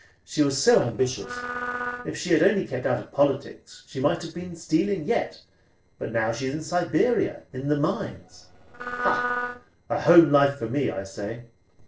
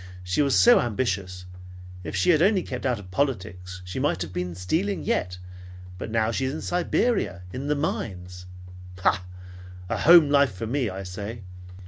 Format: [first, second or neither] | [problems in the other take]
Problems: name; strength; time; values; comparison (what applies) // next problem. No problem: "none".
second | noise reduction (neural separator model SepFormer DNS4)